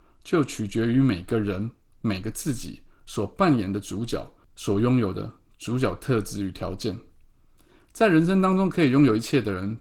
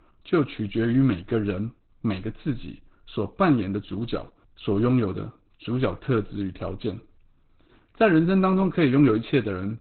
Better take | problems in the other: first | garbled, watery; badly; nothing above 4 kHz; slightly in the first

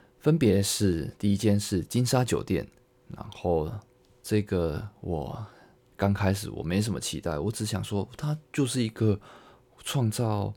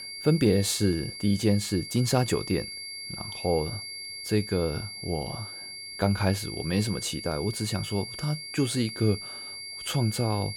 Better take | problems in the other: first | high-pitched whine; loud; throughout; 4.5 kHz, 9 dB below the speech

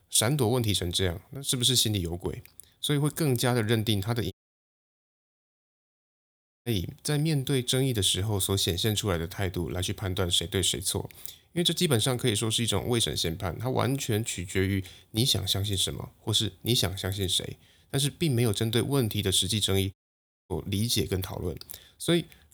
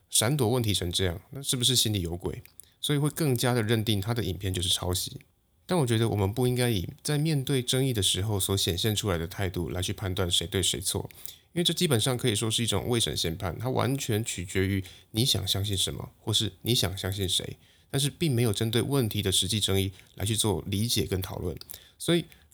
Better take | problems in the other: second | audio cutting out; at 4.5 s for 2.5 s and at 20 s for 0.5 s

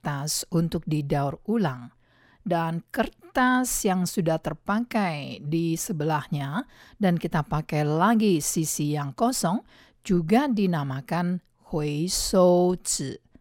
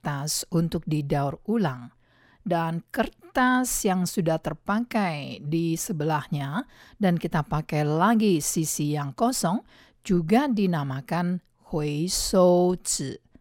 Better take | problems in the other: neither | none

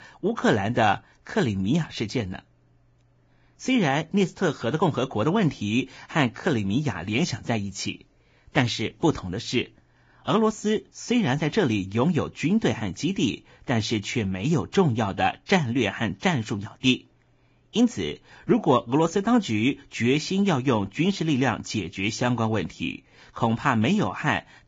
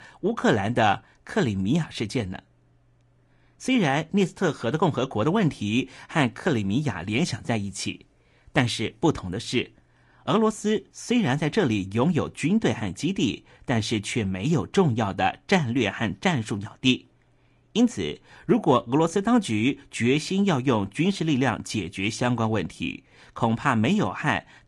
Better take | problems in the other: second | garbled, watery; badly; nothing above 7.5 kHz; slightly in the second

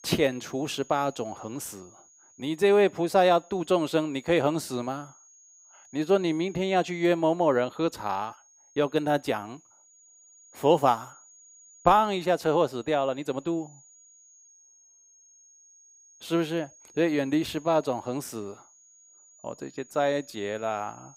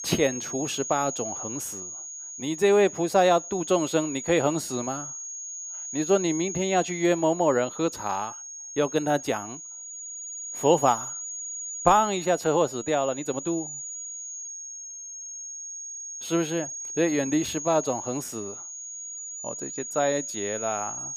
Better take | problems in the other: first | high-pitched whine; loud; throughout; 7 kHz, 8 dB below the speech; faint in the first

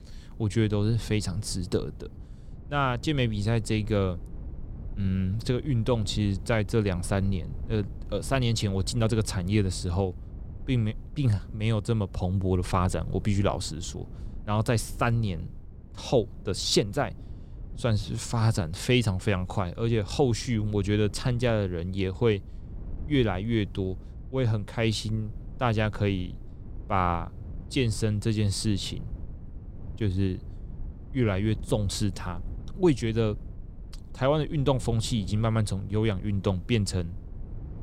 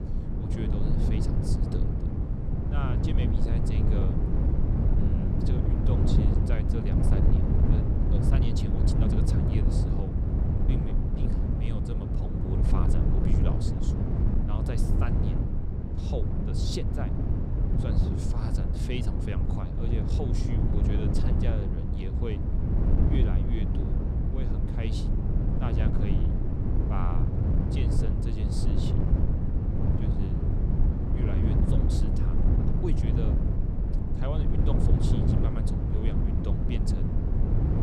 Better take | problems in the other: first | wind noise on the microphone; heavy; 4 dB above the speech; occasional gusts in the first

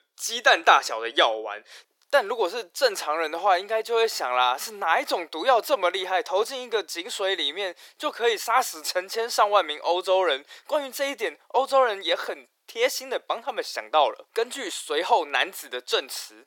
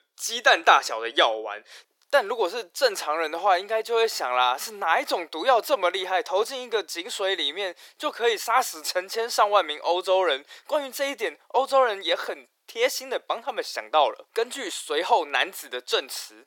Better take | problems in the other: neither | thin; very; fading below 350 Hz; the same in both

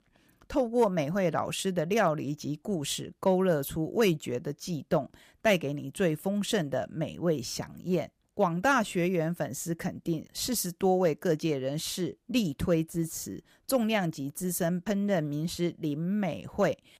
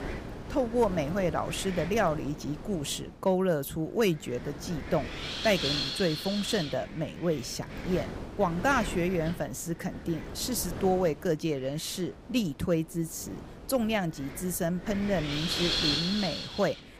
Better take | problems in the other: first | wind noise on the microphone; heavy; 3 dB below the speech

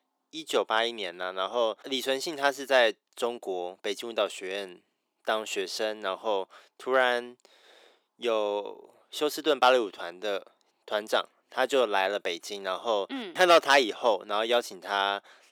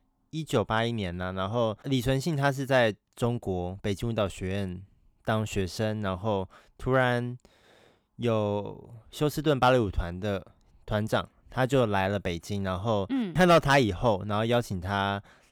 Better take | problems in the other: second | thin; very; fading below 350 Hz

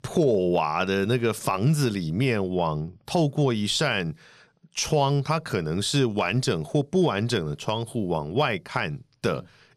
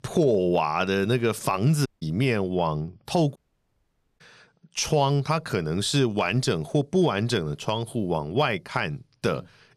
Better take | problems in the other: first | audio cutting out; at 2 s and at 3.5 s for 1 s

